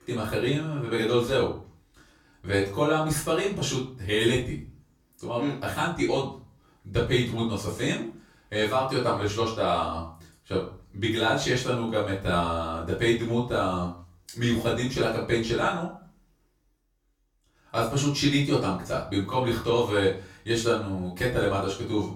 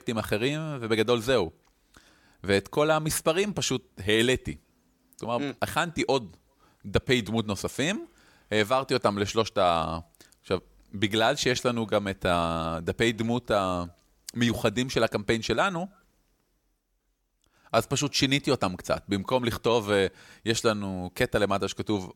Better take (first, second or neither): second